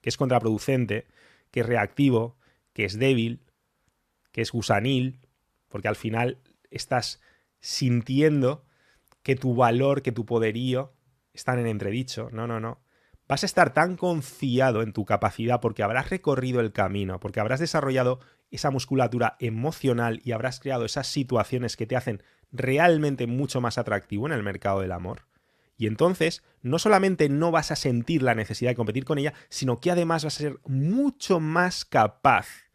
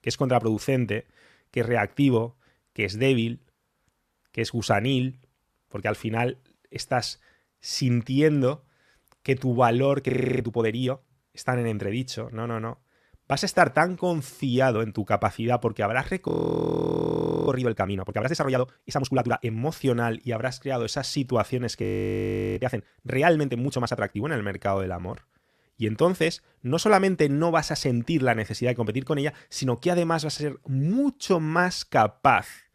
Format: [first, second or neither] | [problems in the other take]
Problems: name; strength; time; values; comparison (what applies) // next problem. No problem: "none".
first | audio freezing; at 10 s, at 16 s for 1 s and at 22 s for 0.5 s